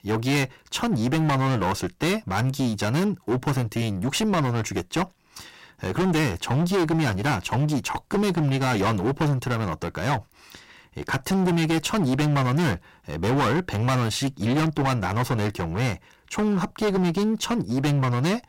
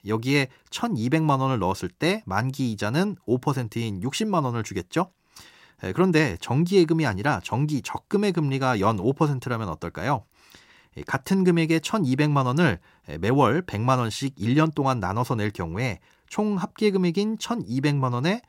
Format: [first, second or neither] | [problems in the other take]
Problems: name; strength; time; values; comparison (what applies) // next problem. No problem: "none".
second | distortion; heavy; 27% of the sound clipped